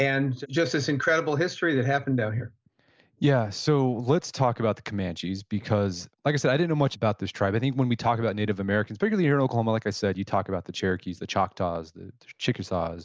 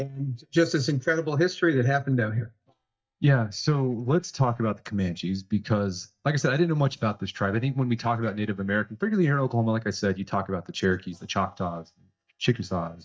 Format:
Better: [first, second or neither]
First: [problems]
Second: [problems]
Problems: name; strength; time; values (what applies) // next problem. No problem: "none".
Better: first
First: none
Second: noise reduction (neural mask model DeepFilterNet 3)